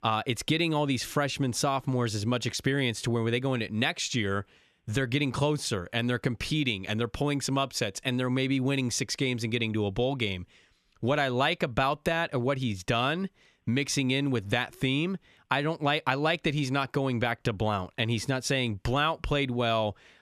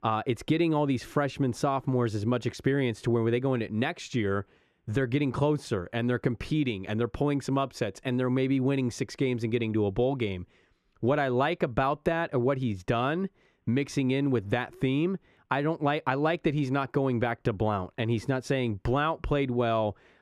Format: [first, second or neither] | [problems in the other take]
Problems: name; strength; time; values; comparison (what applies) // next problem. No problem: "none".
first | muffled; slightly; fading above 2.5 kHz